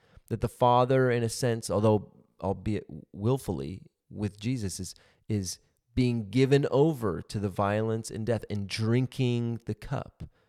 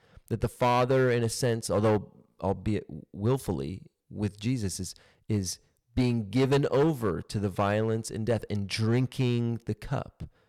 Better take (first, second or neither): first